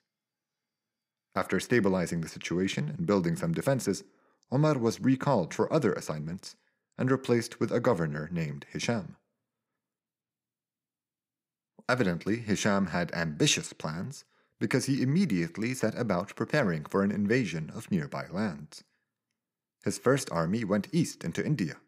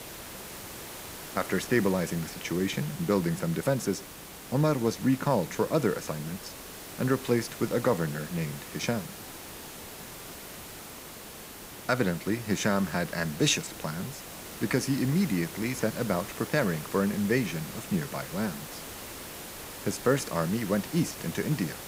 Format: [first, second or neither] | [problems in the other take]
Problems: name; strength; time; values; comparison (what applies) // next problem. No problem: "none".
first | hiss; noticeable; throughout; 10 dB below the speech